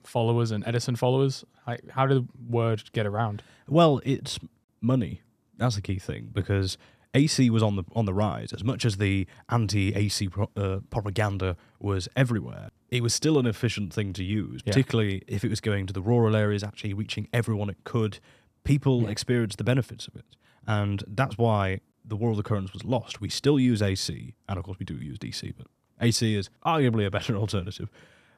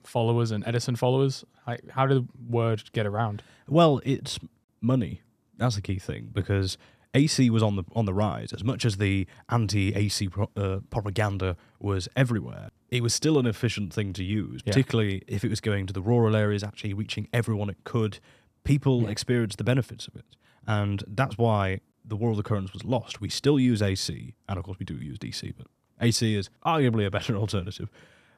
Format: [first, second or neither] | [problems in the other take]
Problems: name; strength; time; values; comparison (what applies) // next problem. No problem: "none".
neither | none